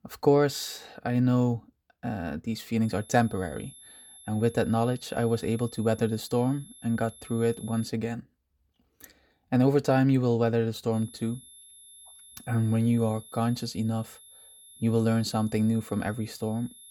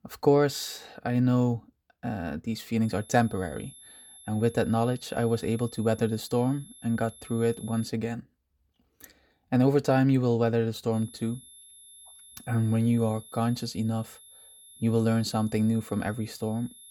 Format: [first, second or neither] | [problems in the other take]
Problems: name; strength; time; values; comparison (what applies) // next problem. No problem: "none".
neither | high-pitched whine; faint; from 3 to 8 s and from 11 s on; 11 kHz, 20 dB below the speech; the same in both